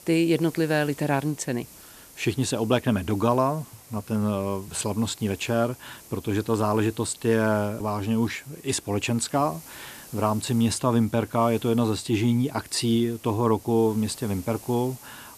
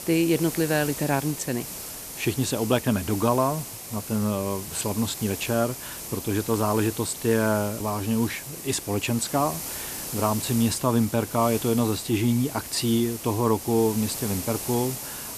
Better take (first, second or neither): first